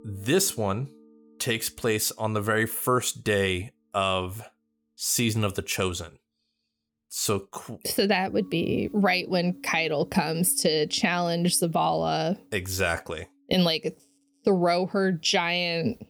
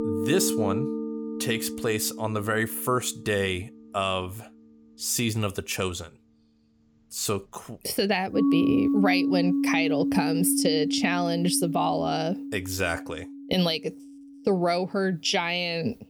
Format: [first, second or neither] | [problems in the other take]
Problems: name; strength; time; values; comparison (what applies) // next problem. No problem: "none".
first | background music; loud; throughout; 1 dB below the speech; faint in the first